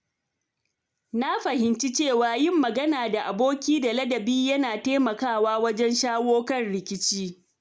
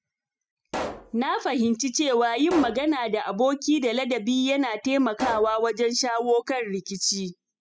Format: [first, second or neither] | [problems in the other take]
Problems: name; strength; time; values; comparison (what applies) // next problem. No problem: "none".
first | noise reduction (classical method spectral subtraction)